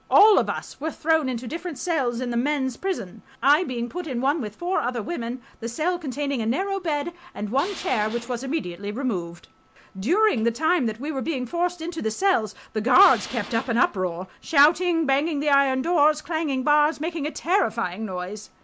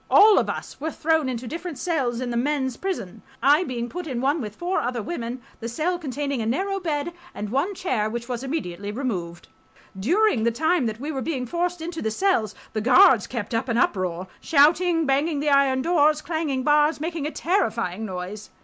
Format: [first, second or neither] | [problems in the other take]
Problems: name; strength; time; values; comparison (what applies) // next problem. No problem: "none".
second | background sound (Tools); 17 dB below the speech